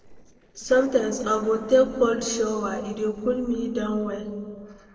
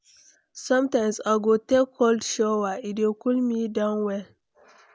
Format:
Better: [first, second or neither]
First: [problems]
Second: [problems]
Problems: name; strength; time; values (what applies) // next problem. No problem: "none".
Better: second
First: noise reduction (neural separator model SepFormer DNS4)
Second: none